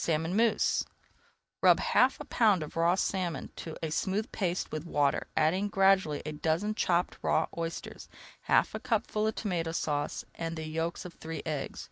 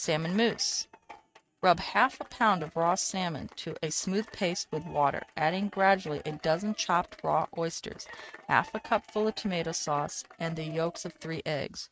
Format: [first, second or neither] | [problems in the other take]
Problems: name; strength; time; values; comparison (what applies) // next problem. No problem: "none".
first | noise reduction (neural mask model RNNoise)